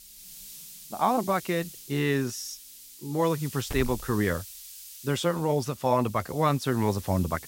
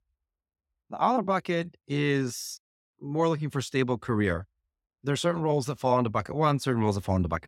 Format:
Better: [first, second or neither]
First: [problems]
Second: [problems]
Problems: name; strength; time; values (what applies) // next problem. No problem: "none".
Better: second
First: hiss; noticeable; throughout; 15 dB below the speech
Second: none